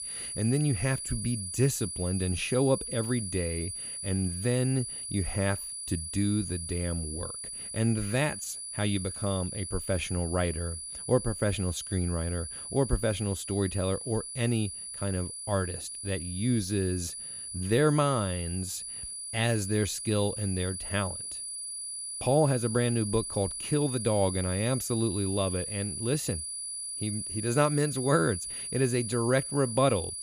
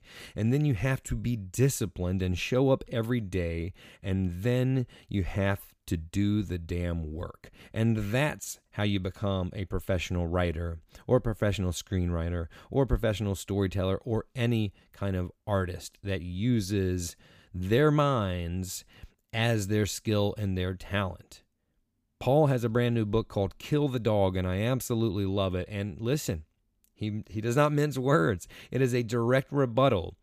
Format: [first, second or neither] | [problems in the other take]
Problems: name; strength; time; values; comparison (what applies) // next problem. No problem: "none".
second | high-pitched whine; loud; throughout; 10 kHz, 5 dB below the speech